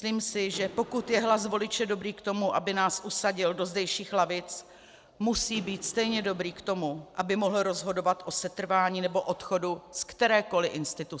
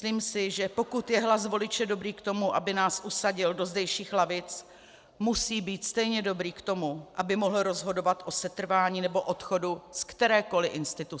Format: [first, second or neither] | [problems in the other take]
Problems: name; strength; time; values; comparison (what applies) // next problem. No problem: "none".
second | background sound (Engine / Mechanisms); 18 dB below the speech